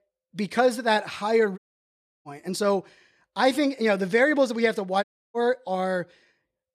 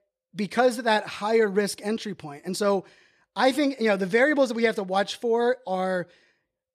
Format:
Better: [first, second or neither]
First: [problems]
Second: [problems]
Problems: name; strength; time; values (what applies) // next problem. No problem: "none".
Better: second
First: audio cutting out; at 1.5 s for 0.5 s and at 5 s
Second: none